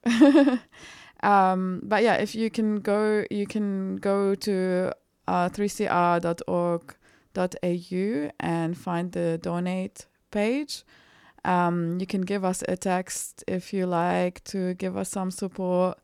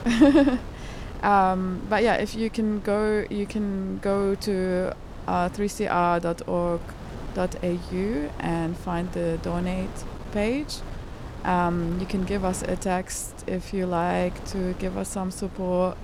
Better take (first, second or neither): first